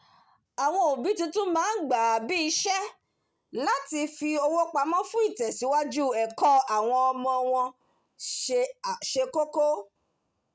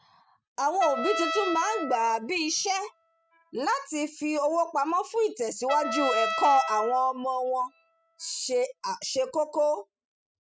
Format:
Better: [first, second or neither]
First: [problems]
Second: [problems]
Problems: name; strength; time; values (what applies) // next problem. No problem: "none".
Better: first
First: none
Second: noise reduction (classical method spectral subtraction)